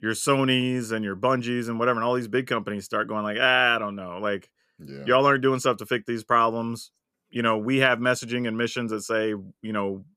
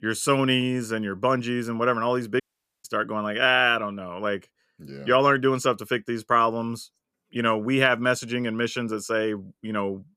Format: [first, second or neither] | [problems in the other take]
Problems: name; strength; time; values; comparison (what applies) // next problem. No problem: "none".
first | audio cutting out; at 2.5 s